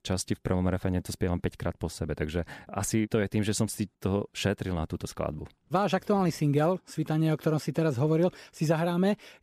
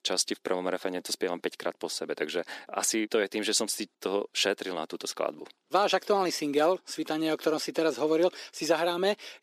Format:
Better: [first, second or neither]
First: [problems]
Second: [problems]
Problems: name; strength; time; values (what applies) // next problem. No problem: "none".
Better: first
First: none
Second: thin; somewhat; fading below 300 Hz